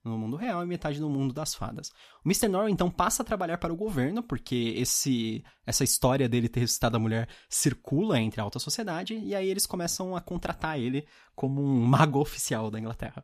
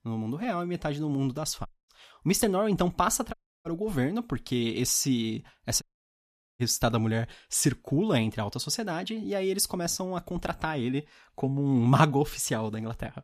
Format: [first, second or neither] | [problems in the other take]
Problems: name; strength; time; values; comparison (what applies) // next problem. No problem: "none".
first | audio cutting out; at 1.5 s, at 3.5 s and at 6 s for 1 s